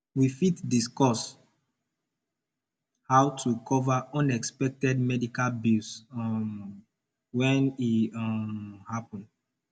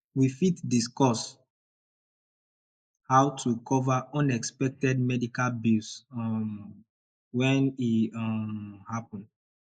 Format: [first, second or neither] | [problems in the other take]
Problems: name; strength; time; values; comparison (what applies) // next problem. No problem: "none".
first | noise reduction (neural mask model Resemble Enhance denoiser)